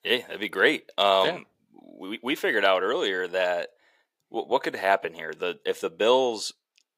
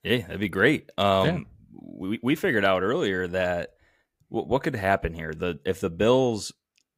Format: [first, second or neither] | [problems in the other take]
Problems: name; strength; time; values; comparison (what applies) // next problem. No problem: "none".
second | thin; somewhat; fading below 450 Hz